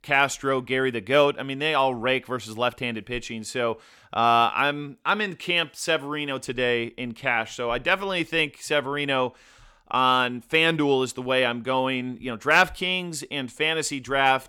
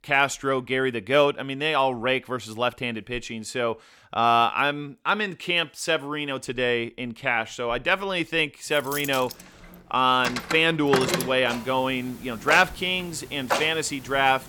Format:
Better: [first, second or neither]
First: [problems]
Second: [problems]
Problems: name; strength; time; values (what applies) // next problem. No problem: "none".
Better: first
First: none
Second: household noises; loud; from 9 s on; 6 dB below the speech